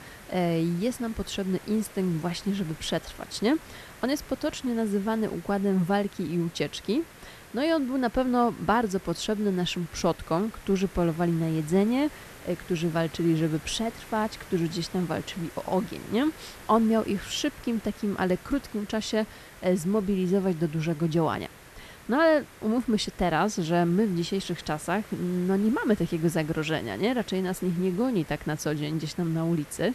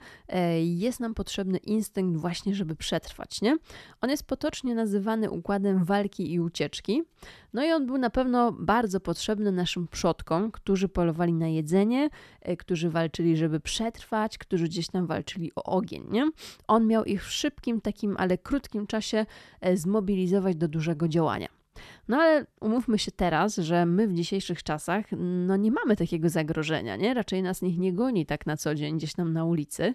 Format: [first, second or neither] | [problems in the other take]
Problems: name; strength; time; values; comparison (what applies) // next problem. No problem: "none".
second | hiss; noticeable; throughout; 20 dB below the speech